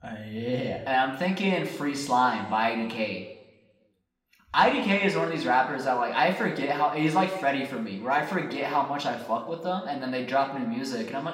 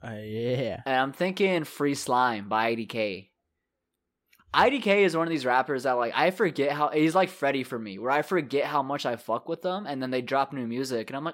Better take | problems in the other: second | room echo; slight; dies away in 0.9 s // off-mic speech; somewhat distant

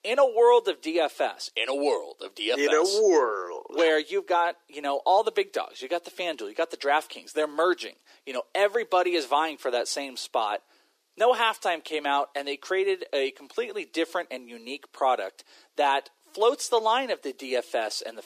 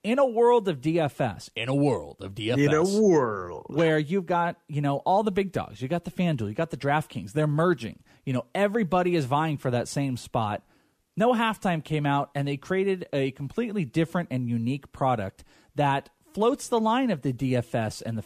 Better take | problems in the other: second | thin; very; fading below 350 Hz

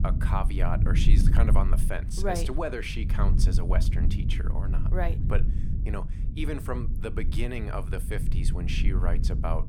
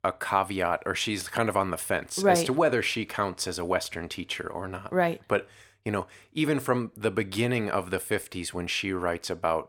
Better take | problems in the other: second | low rumble; loud; throughout; 8 dB below the speech

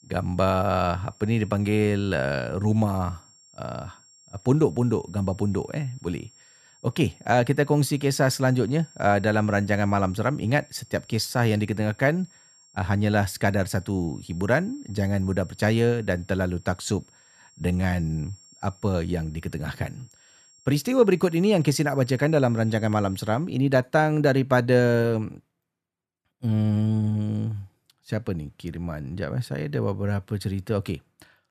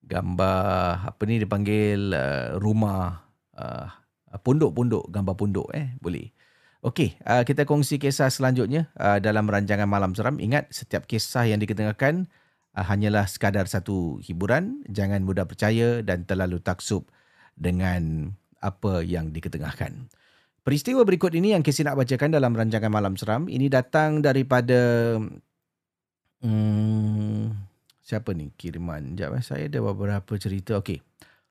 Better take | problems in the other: second | high-pitched whine; faint; until 23 s; 7.5 kHz, 25 dB below the speech

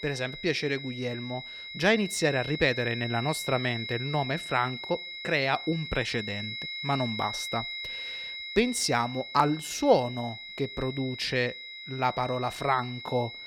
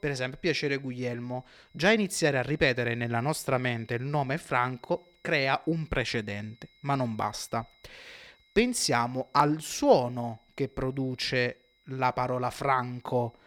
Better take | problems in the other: second | high-pitched whine; loud; throughout; 2 kHz, 8 dB below the speech; faint in the second

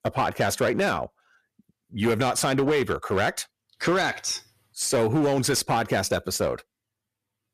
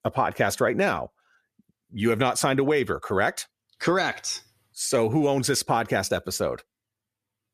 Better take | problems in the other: second | distortion; slight; 9% of the sound clipped

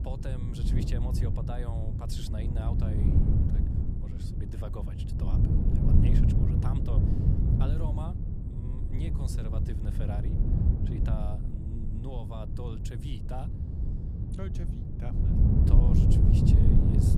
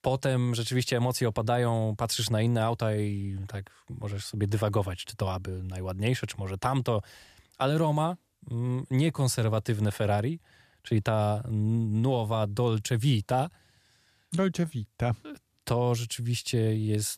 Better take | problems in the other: second | wind noise on the microphone; heavy; 4 dB above the speech

